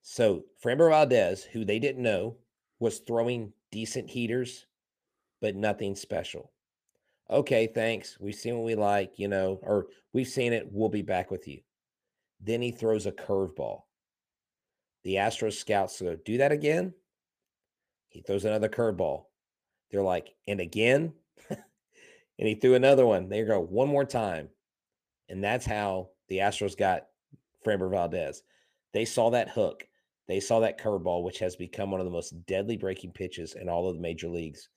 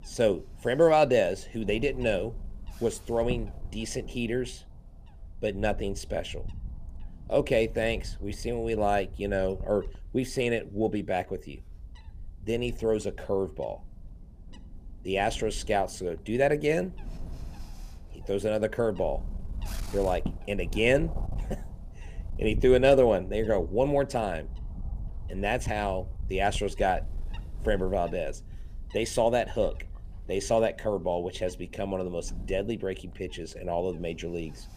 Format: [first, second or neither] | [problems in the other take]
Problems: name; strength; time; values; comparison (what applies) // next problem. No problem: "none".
first | wind noise on the microphone; occasional gusts; 25 dB below the speech